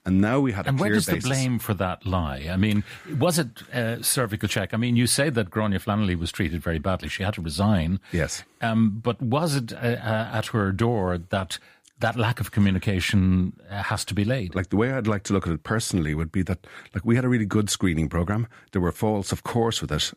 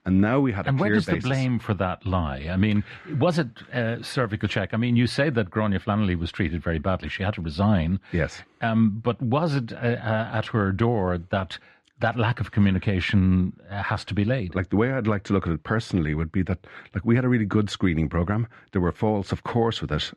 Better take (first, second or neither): first